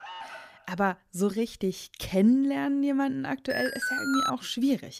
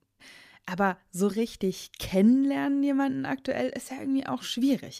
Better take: second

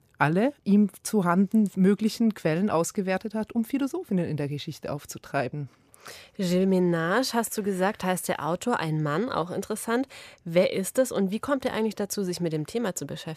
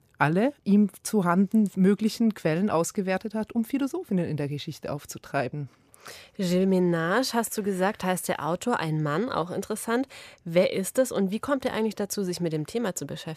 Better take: neither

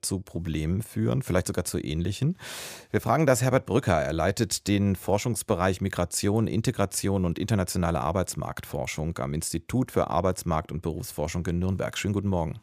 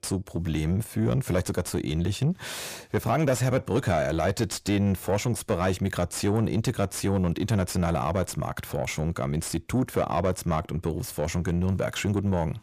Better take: first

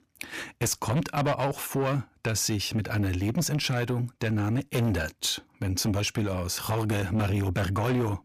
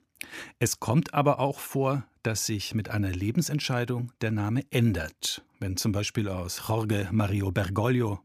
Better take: second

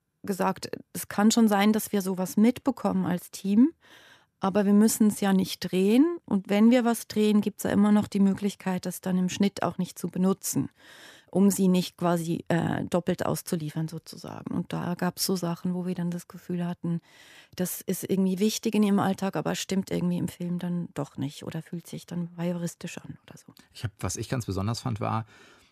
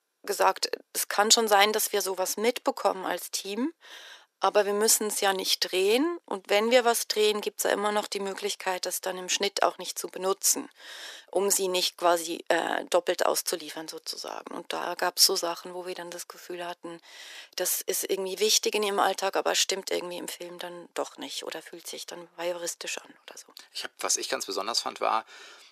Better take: first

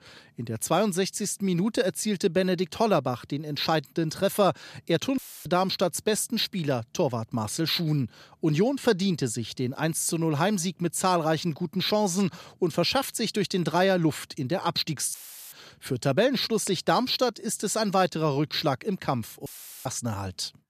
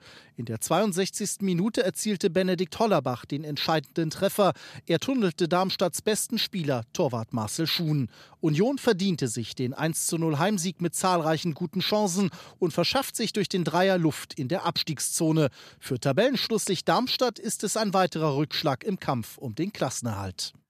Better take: second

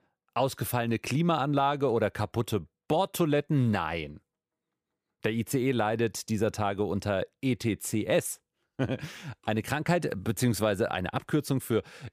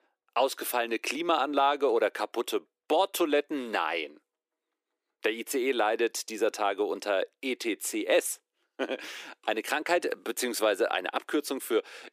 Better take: first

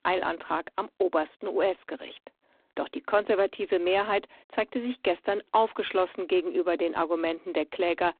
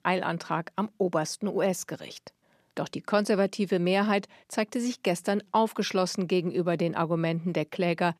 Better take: second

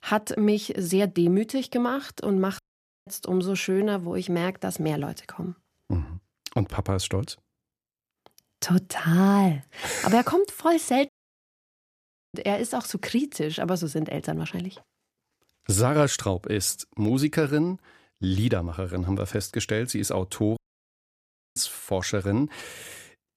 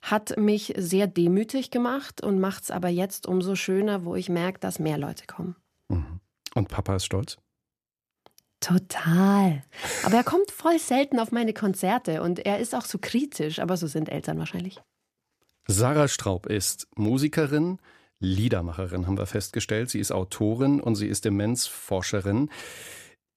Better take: second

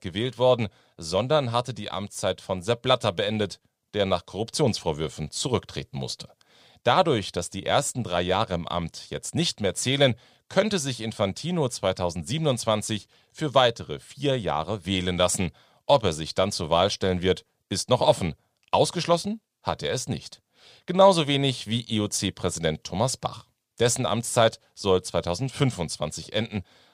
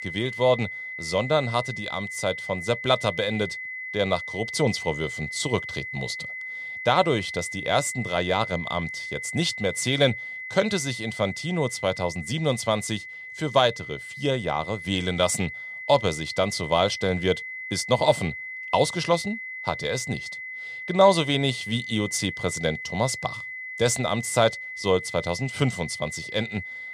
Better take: first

